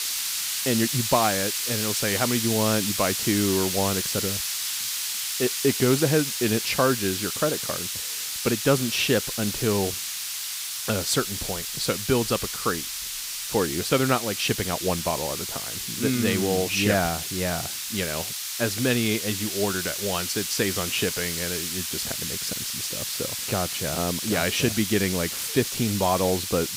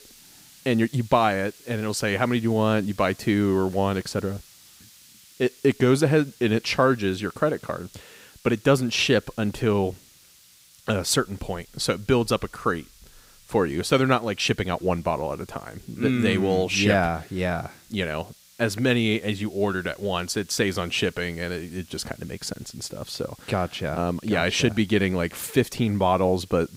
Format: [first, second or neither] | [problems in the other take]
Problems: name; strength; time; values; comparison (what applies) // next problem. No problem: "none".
second | hiss; loud; throughout; 1 dB below the speech; faint in the second